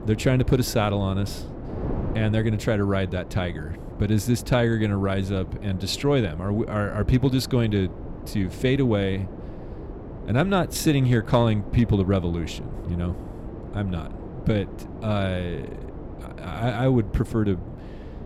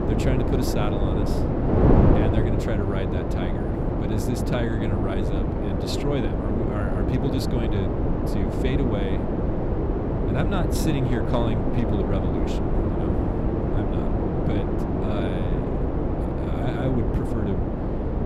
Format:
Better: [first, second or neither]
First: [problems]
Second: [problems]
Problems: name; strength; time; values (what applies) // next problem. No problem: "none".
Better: first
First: wind noise on the microphone; occasional gusts; 15 dB below the speech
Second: wind noise on the microphone; heavy; 4 dB above the speech